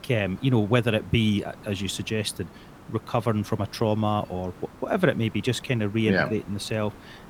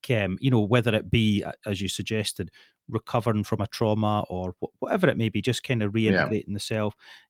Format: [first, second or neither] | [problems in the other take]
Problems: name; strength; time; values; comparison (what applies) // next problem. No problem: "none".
second | hiss; faint; throughout; 20 dB below the speech